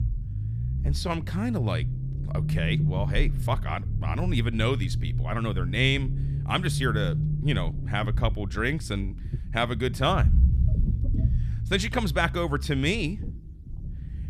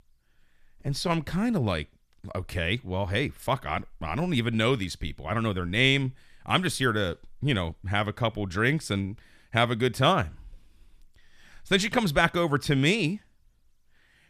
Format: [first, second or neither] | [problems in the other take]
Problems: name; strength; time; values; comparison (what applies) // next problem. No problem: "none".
second | low rumble; noticeable; throughout; 15 dB below the speech